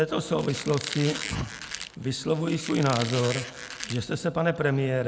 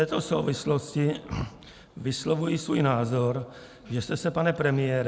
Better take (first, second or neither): second